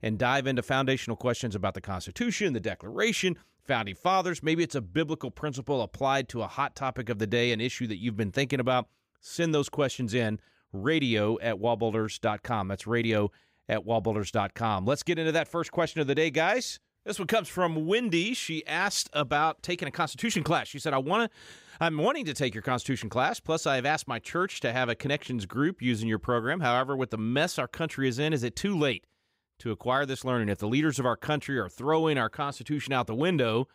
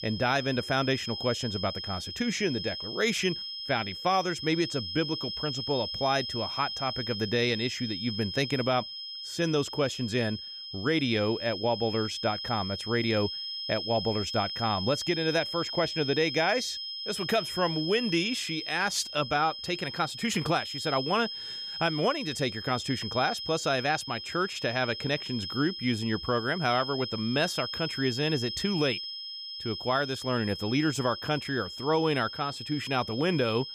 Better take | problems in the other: first | high-pitched whine; loud; throughout; 5 kHz, 6 dB below the speech

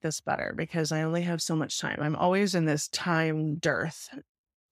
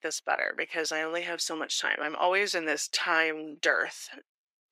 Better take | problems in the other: first | thin; very; fading below 350 Hz

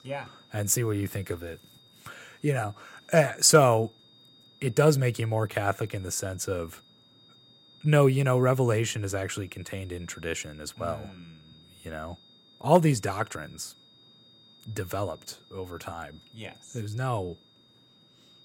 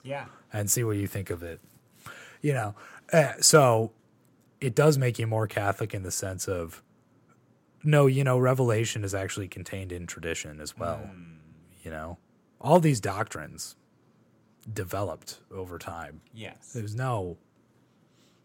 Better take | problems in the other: second | high-pitched whine; faint; throughout; 3.5 kHz, 30 dB below the speech

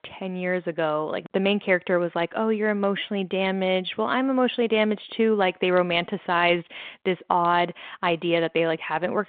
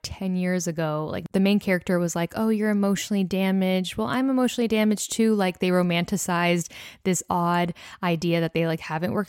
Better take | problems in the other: second | phone-call audio

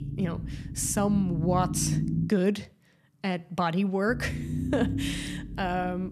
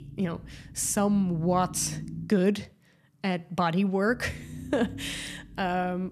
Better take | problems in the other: second | low rumble; loud; until 2.5 s and from 4 s on; 10 dB below the speech; faint in the second

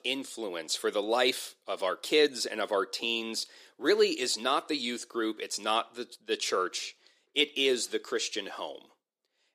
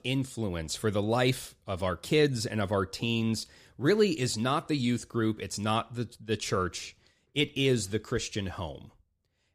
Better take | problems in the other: second | thin; somewhat; fading below 350 Hz

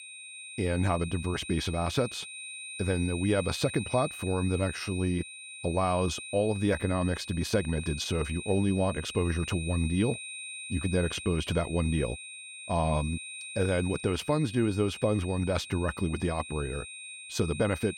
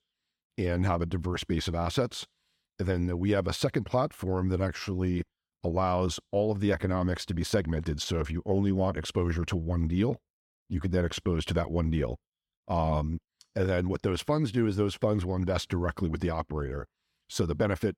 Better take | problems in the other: second | high-pitched whine; loud; throughout; 2.5 kHz, 10 dB below the speech

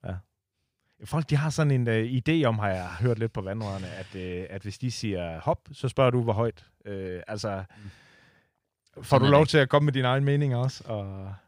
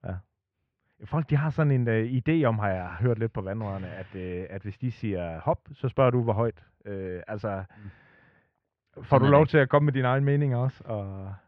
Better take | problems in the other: first | muffled; very; fading above 2.5 kHz

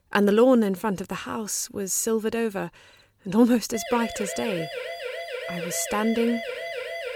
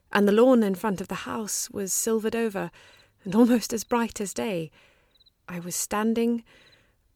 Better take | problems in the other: second | siren; noticeable; from 3.5 s on; peak 8 dB below the speech

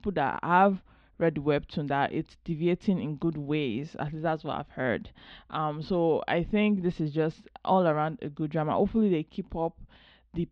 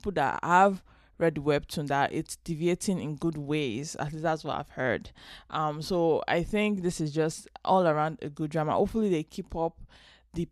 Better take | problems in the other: second | muffled; slightly; fading above 3.5 kHz

